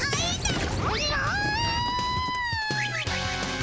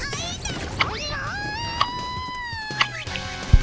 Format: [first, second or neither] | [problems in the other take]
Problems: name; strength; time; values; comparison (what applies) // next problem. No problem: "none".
first | background sound (Tick-tock); 3 dB above the speech